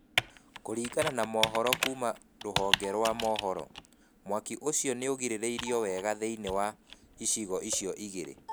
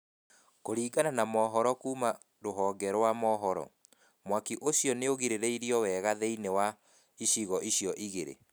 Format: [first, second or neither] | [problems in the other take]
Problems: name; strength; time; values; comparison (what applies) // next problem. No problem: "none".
second | background sound (Computer keyboard); 5 dB below the speech